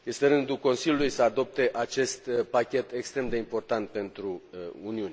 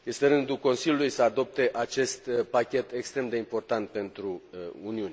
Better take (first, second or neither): second